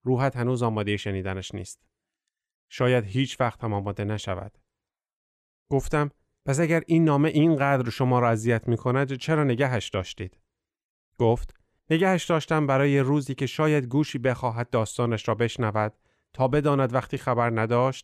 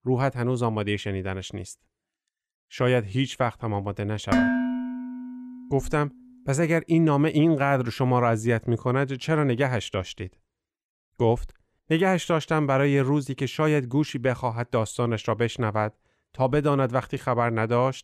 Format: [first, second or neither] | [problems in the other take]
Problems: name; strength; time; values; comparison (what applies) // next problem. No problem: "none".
first | clattering dishes; loud; at 4.5 s; peak 3 dB above the speech